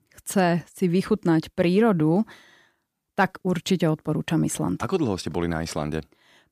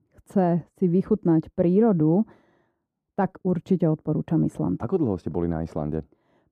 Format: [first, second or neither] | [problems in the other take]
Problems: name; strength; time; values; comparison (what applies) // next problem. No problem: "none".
first | muffled; very; fading above 1.5 kHz